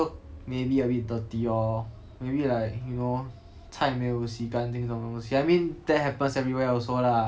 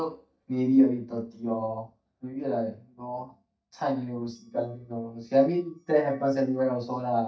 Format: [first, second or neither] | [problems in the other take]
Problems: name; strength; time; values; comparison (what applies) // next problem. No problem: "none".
first | noise reduction (neural mask model DeepFilterNet 3)